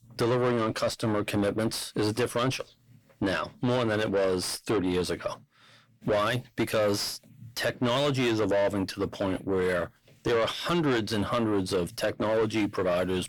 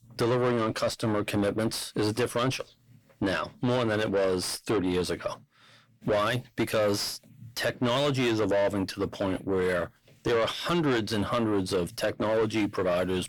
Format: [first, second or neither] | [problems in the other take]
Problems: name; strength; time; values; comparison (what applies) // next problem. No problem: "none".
neither | distortion; heavy; 6 dB below the speech; the same in both